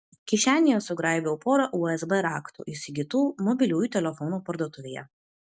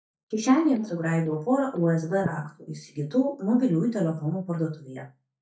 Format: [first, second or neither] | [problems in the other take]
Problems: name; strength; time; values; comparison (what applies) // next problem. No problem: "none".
first | noise reduction (neural mask model DeepFilterNet 3)